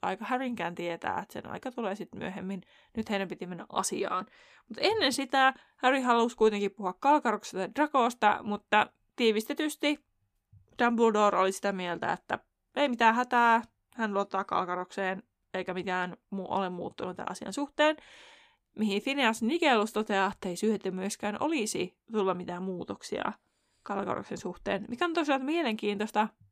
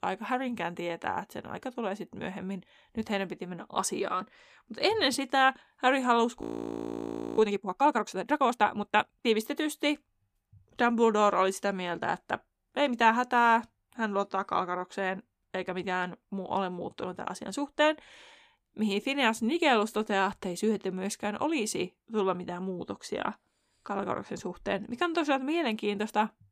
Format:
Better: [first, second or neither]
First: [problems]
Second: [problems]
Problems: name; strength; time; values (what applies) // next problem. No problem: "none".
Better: first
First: none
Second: audio freezing; at 6.5 s for 1 s